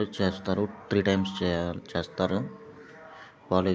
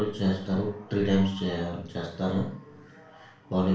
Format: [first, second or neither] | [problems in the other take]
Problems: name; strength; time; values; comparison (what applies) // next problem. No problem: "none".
first | room echo; dies away in 0.4 s